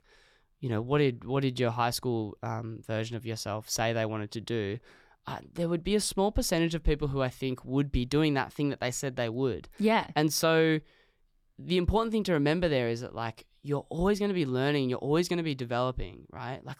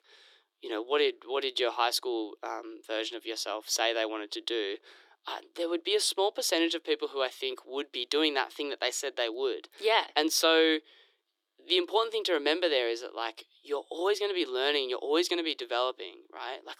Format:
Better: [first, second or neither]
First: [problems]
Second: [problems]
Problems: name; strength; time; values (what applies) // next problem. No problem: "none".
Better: first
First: none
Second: thin; very; fading below 300 Hz